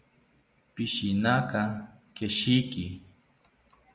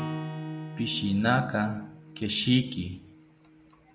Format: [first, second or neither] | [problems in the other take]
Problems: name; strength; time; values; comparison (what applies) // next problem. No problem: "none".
first | background sound (Acoustic guitar / Strum); 10 dB below the speech